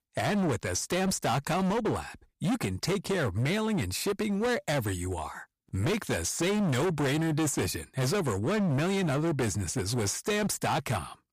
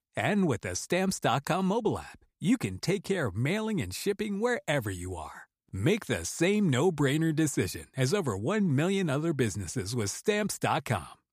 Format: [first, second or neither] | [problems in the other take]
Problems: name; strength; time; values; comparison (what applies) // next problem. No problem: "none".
second | distortion; heavy; 24% of the sound clipped